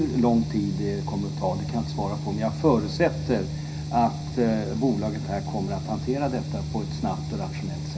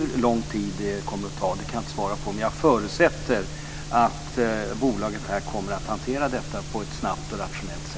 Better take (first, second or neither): second